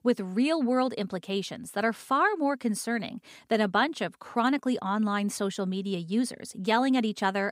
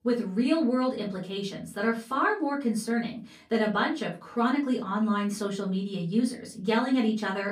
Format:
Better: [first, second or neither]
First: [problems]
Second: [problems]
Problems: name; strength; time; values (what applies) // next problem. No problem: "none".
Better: first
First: none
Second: off-mic speech; far // room echo; very slight; dies away in 0.3 s